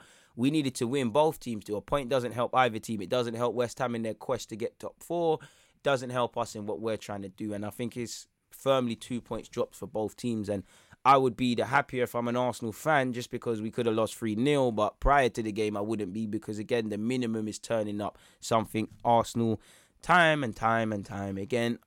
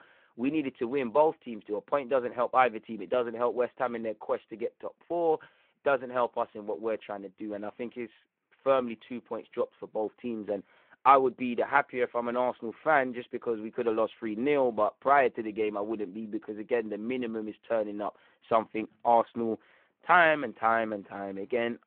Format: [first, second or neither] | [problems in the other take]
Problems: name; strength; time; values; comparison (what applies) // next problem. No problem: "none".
first | phone-call audio